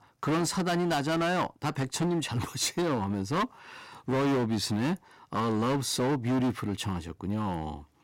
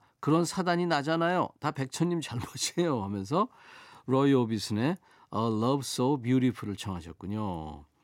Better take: second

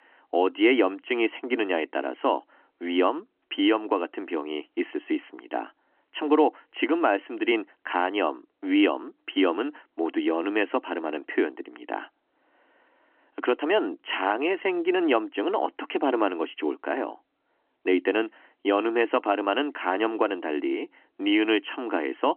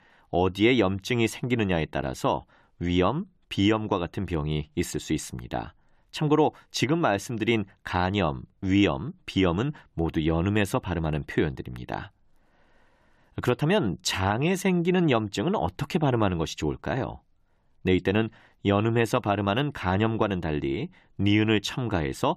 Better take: second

